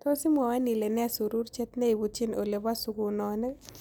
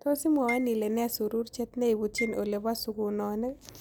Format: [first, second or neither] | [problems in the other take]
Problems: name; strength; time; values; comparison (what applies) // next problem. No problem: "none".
first | background sound (Marimba, xylophone); 14 dB below the speech